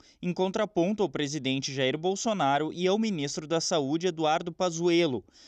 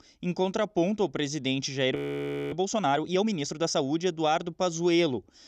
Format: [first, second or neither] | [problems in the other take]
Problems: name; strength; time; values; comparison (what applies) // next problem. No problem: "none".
first | audio freezing; at 2 s for 0.5 s